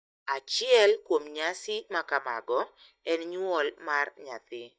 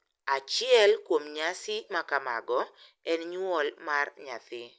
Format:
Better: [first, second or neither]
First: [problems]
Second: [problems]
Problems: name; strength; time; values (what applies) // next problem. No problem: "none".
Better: second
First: noise reduction (neural mask model DeepFilterNet 3)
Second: none